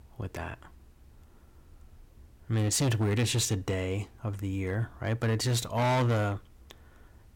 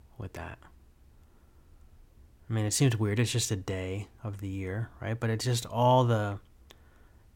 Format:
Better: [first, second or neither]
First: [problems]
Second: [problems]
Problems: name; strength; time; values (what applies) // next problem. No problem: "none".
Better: second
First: distortion; heavy; 9% of the sound clipped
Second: none